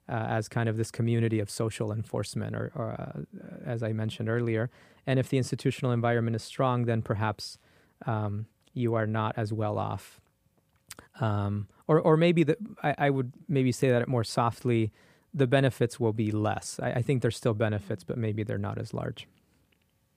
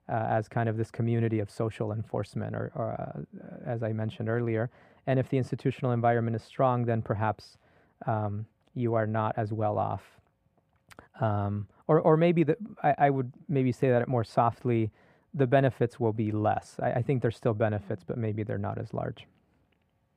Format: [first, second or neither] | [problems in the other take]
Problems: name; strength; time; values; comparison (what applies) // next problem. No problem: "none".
first | muffled; very; fading above 3.5 kHz